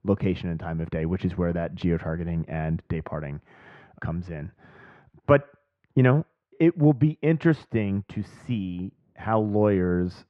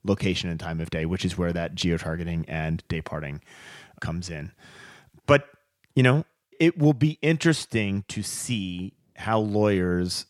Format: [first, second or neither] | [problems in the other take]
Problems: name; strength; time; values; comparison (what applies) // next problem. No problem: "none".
second | muffled; very; fading above 4 kHz